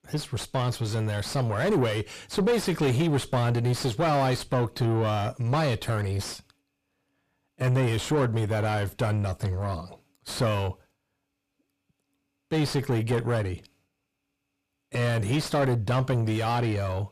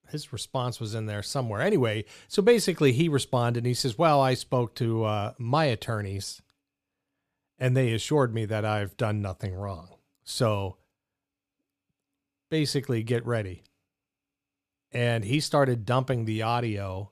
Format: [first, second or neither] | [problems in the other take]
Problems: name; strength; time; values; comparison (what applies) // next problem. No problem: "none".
second | distortion; heavy; 4 dB below the speech